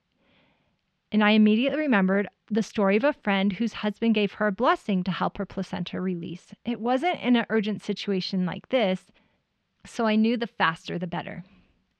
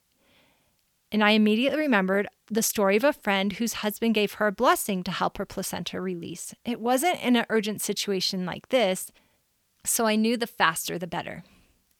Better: second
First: muffled; slightly; fading above 3.5 kHz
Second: none

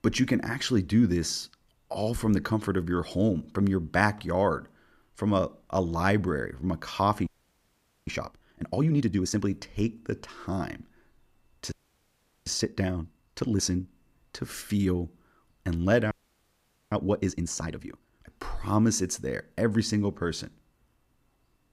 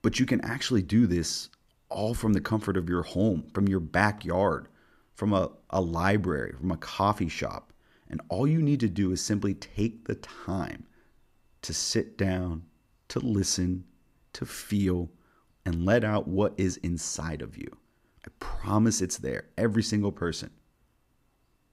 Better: second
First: audio freezing; at 7.5 s for 1 s, at 12 s for 0.5 s and at 16 s for 1 s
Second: none

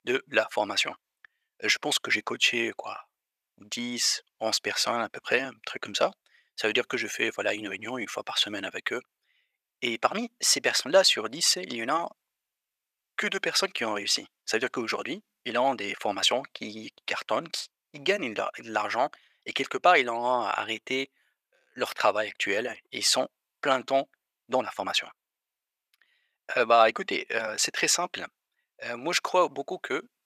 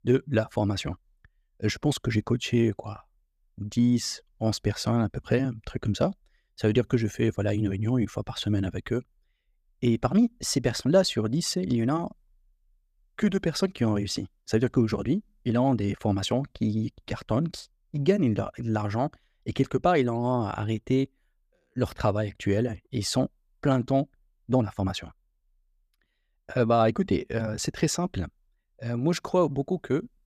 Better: second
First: thin; very; fading below 750 Hz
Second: none

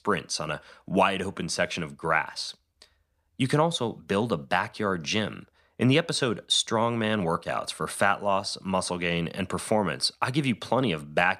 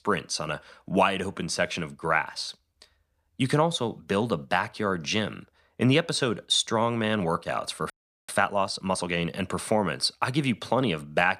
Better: first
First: none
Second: audio freezing; at 8 s

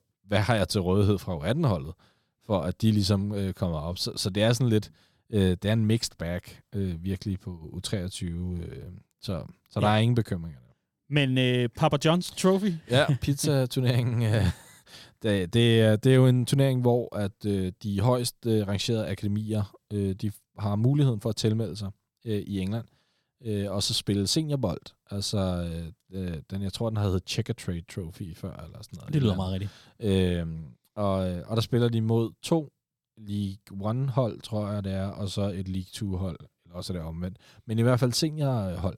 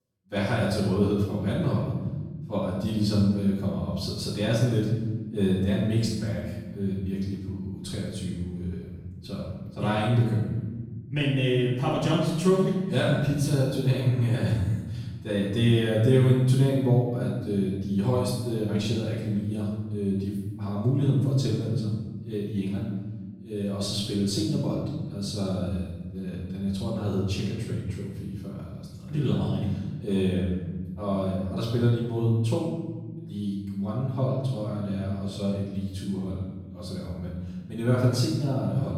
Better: first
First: none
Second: off-mic speech; far // room echo; noticeable; dies away in 1.5 s

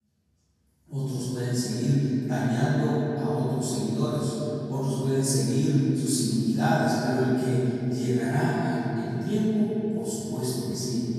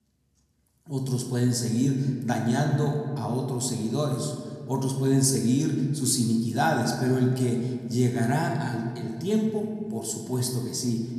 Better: second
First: room echo; strong; dies away in 3 s // off-mic speech; far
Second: room echo; slight; dies away in 1.9 s

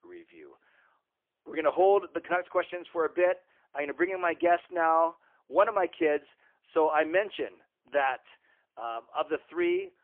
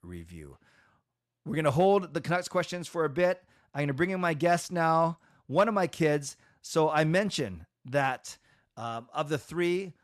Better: second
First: phone-call audio; poor line; nothing above 3 kHz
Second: none

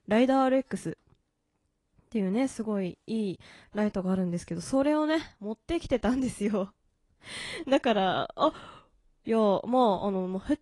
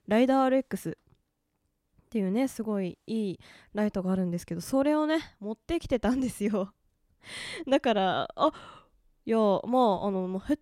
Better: second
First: garbled, watery; slightly; nothing above 10.5 kHz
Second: none

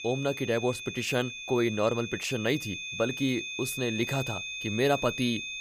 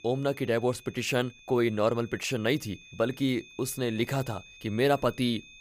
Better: second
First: high-pitched whine; loud; throughout; 2.5 kHz, 6 dB below the speech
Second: high-pitched whine; faint; throughout; 2.5 kHz, 20 dB below the speech

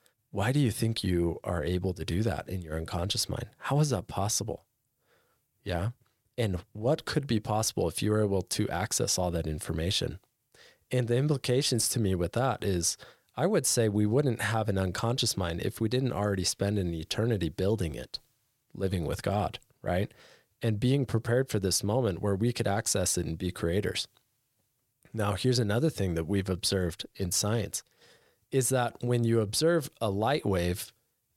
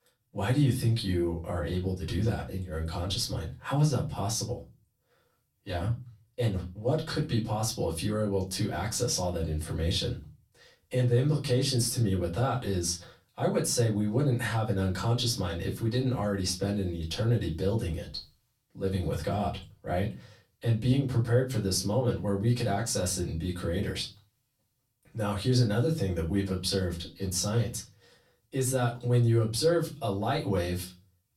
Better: first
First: none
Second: off-mic speech; far // room echo; very slight; dies away in 0.3 s

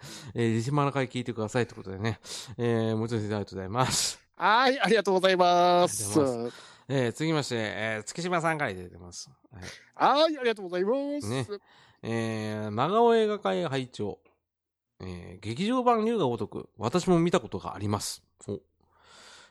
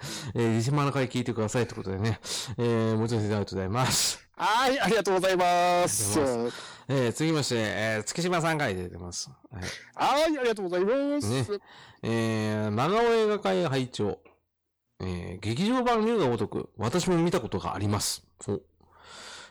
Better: first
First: none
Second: distortion; heavy; 7 dB below the speech

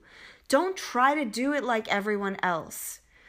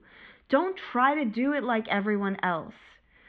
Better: first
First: none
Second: muffled; very; fading above 3.5 kHz

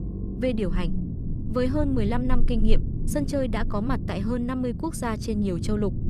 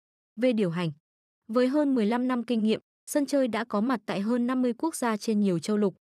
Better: second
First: low rumble; noticeable; throughout; 10 dB below the speech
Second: none

